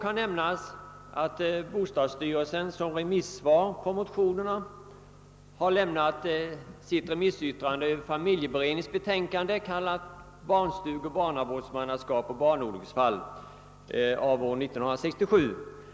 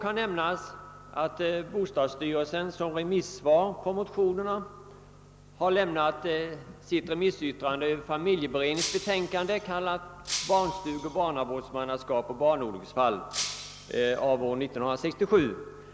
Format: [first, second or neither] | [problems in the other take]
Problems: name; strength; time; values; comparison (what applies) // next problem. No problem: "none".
first | background sound (Shatter); 10 dB below the speech